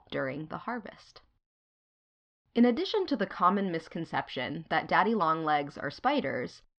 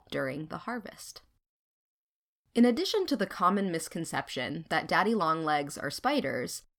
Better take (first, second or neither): second